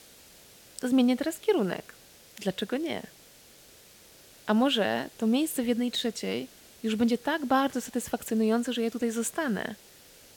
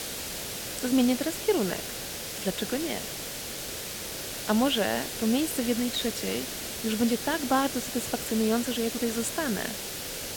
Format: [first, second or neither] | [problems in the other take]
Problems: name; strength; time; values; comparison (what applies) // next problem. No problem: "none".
first | hiss; loud; throughout; 5 dB below the speech; faint in the first